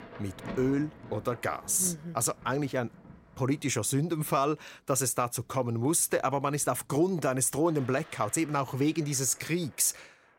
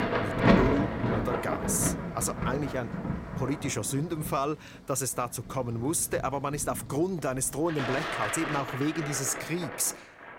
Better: first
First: rain or running water; faint; throughout; 20 dB below the speech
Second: rain or running water; loud; throughout; 1 dB below the speech

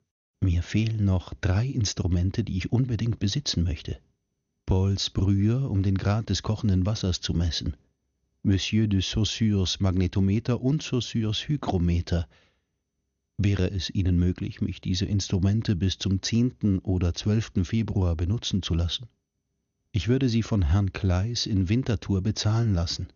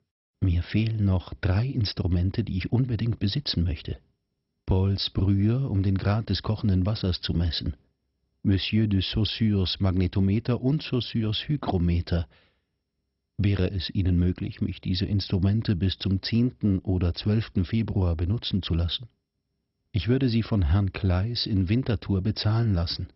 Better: first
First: garbled, watery; slightly; nothing above 6.5 kHz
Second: garbled, watery; badly; nothing above 5.5 kHz

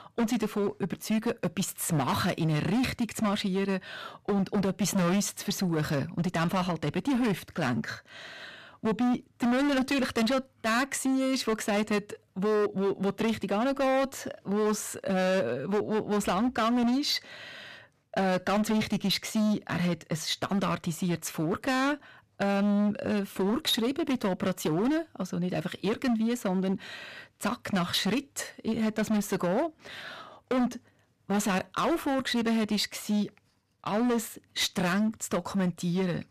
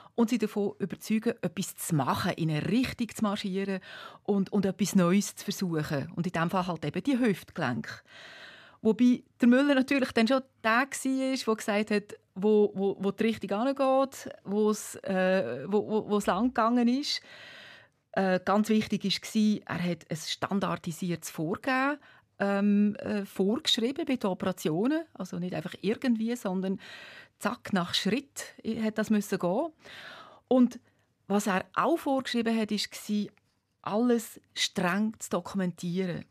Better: second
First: distortion; heavy; 17% of the sound clipped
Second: none

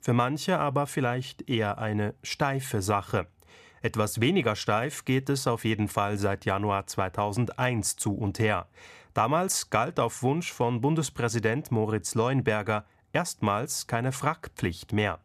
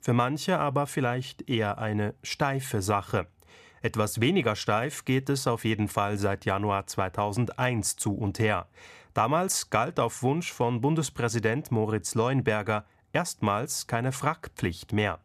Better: neither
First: none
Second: none

